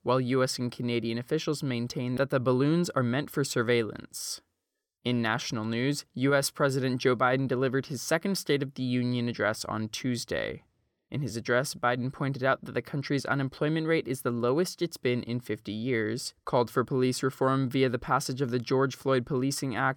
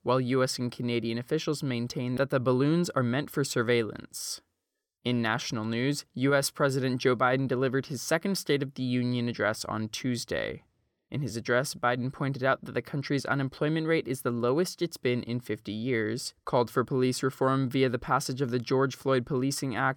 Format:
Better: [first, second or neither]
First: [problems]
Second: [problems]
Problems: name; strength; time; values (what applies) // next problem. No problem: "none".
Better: neither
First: none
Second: none